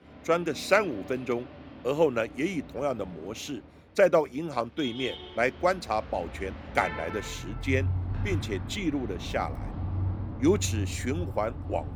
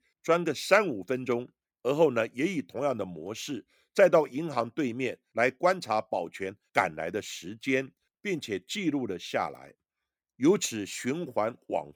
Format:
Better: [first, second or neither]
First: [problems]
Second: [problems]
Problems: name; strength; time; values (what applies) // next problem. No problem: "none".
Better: second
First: traffic noise; loud; throughout; 7 dB below the speech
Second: none